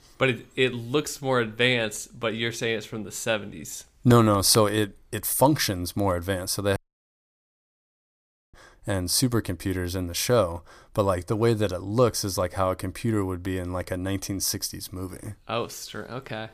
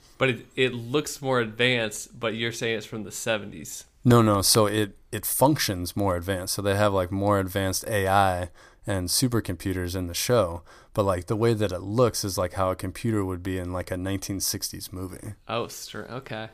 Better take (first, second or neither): second